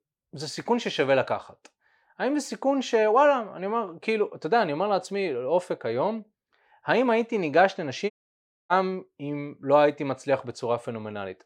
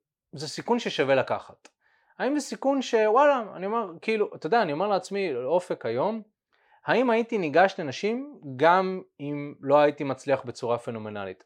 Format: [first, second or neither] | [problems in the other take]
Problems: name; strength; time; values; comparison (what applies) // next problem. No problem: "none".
second | audio cutting out; at 8 s for 0.5 s